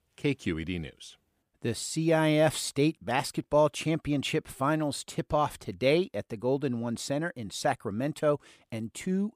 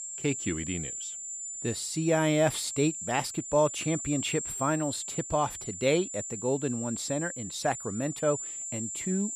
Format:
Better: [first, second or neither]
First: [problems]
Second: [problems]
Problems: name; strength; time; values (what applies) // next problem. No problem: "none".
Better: first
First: none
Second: high-pitched whine; loud; throughout; 7 kHz, 6 dB below the speech